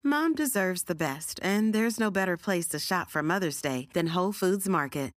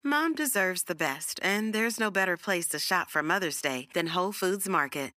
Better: first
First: none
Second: thin; very slightly; fading below 450 Hz

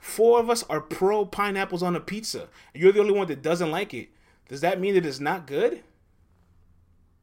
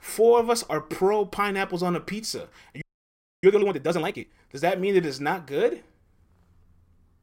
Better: first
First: none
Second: audio freezing; at 3 s for 0.5 s

